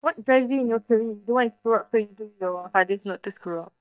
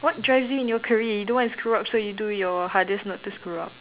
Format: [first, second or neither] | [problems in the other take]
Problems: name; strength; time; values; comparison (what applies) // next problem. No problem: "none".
second | noise reduction (neural mask model DeepFilterNet 3)